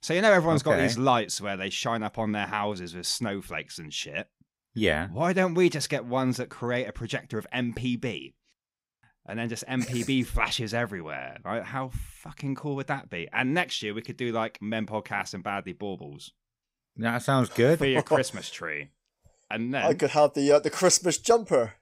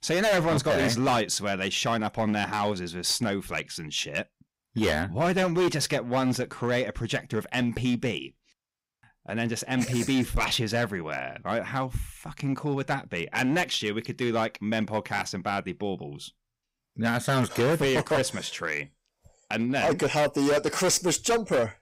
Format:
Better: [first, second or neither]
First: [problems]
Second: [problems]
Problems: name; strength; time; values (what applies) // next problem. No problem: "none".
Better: first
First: none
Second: distortion; heavy; 10% of the sound clipped